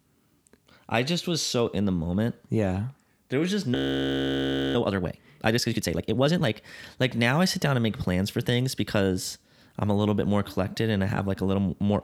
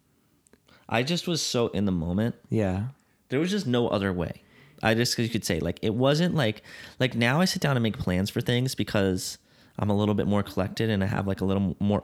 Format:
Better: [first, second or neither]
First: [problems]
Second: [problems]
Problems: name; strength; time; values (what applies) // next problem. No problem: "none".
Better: second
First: audio freezing; at 4 s for 1 s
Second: none